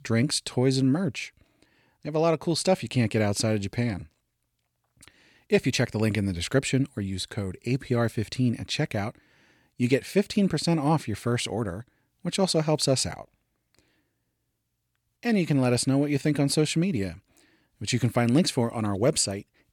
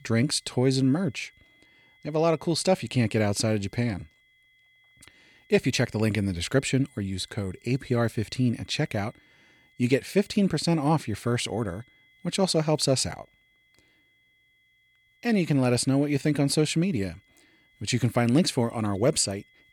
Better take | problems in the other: first | high-pitched whine; faint; throughout; 2 kHz, 35 dB below the speech

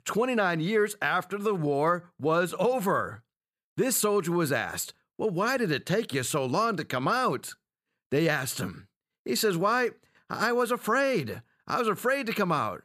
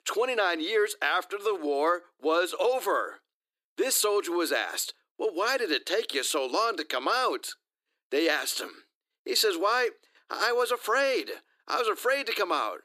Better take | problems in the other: first | thin; somewhat; fading below 300 Hz

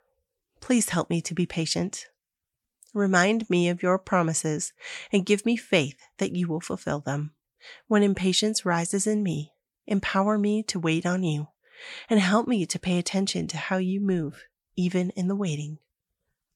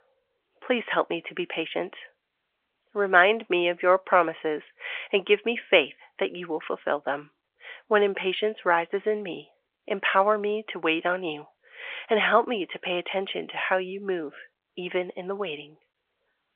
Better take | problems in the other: first | phone-call audio; nothing above 3.5 kHz

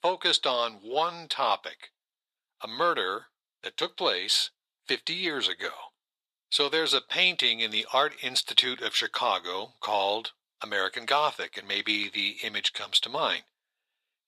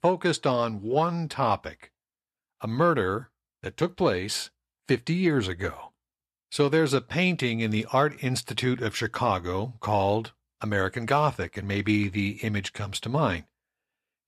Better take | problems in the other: second | thin; very; fading below 550 Hz

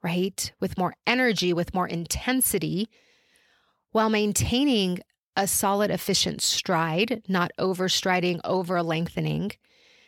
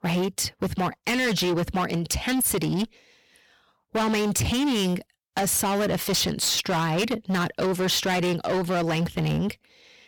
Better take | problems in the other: first | distortion; heavy; 24% of the sound clipped

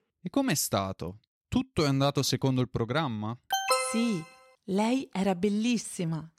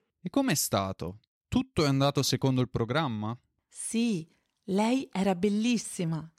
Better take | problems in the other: second | alarm; loud; at 3.5 s; peak 2 dB above the speech

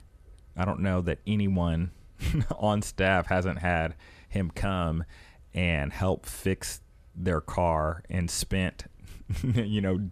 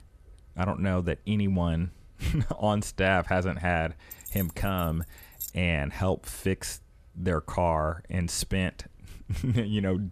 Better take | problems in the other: first | jangling keys; noticeable; from 4 to 5.5 s; peak 8 dB below the speech

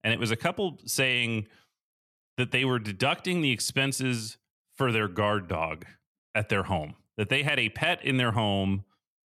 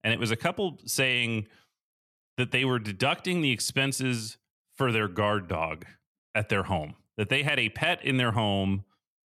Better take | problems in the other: neither | none

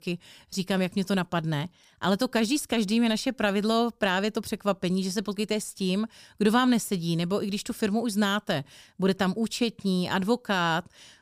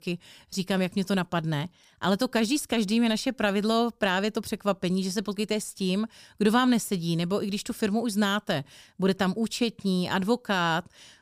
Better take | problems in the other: neither | none

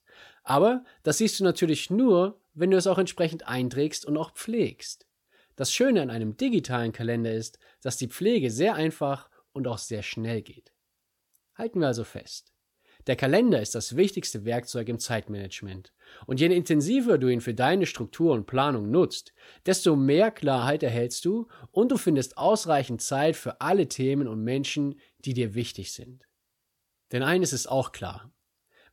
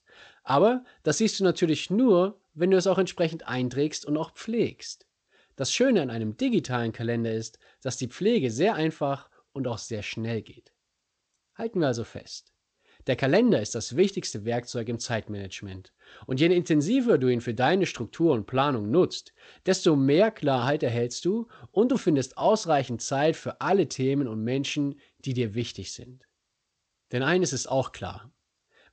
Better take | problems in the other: first | garbled, watery; slightly; nothing above 7.5 kHz

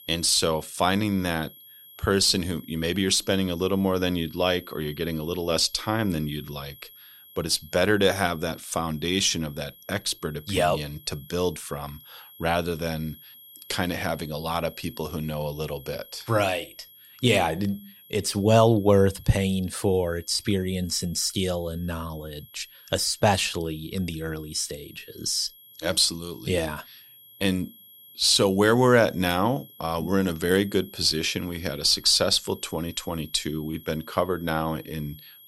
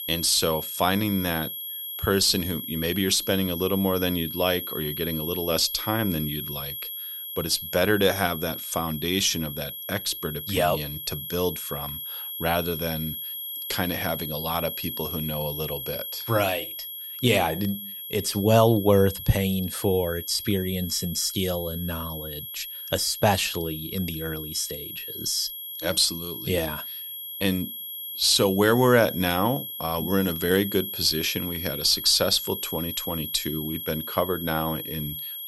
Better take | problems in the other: first | high-pitched whine; loud; throughout; 11.5 kHz, 7 dB below the speech; faint in the first

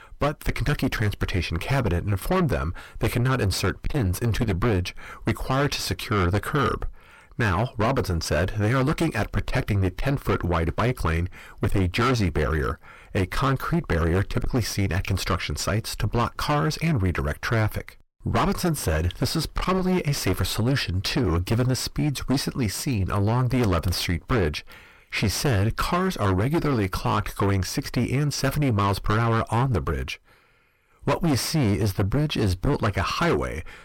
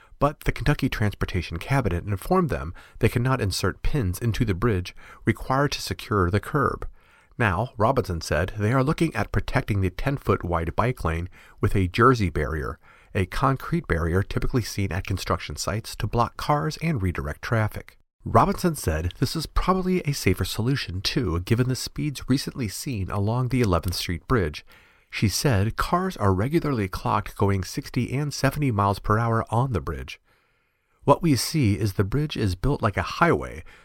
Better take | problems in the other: second | distortion; heavy; 6 dB below the speech

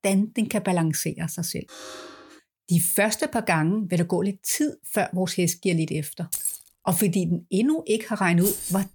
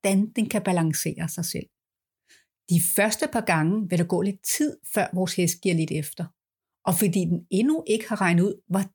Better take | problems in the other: second | alarm; faint; at 1.5 s; peak 15 dB below the speech // jangling keys; noticeable; at 6.5 s and at 8.5 s; peak 3 dB below the speech

